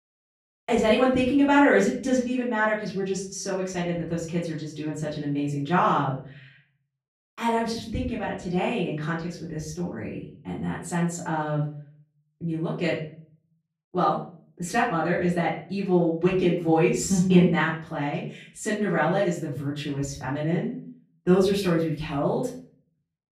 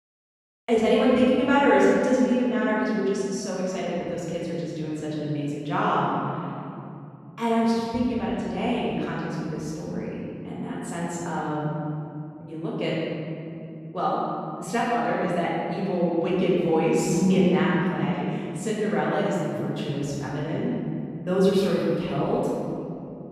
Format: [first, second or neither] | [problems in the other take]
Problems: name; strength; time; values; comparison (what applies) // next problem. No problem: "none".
first | room echo; strong; dies away in 3 s; slight in the first // off-mic speech; far; far in the first